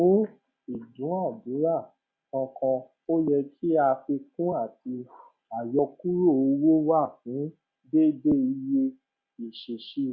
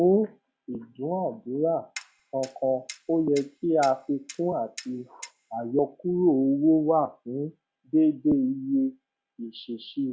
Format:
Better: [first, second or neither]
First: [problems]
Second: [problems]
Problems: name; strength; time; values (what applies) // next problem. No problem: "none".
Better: first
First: none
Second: background sound (Clock); 19 dB below the speech